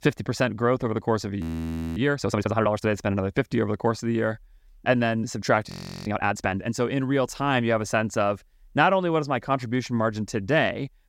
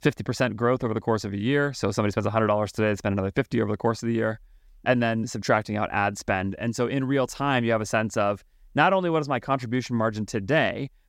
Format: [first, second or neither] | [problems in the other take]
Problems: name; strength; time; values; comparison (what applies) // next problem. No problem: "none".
second | audio freezing; at 1.5 s for 0.5 s and at 5.5 s